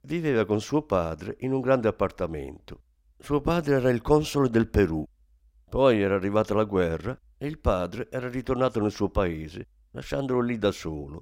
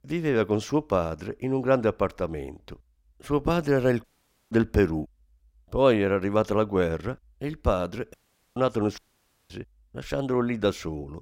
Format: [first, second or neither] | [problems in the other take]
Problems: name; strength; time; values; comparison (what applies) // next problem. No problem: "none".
first | audio cutting out; at 4 s, at 8 s and at 9 s for 0.5 s